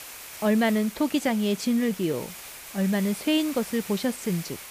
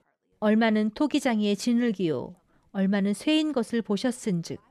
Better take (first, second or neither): second